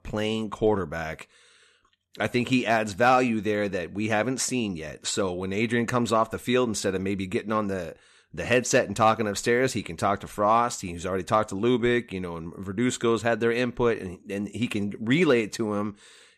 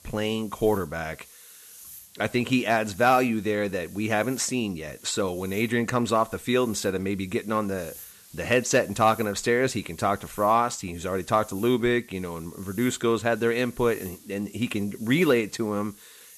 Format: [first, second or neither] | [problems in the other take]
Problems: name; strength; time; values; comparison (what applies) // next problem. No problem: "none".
first | hiss; faint; throughout; 20 dB below the speech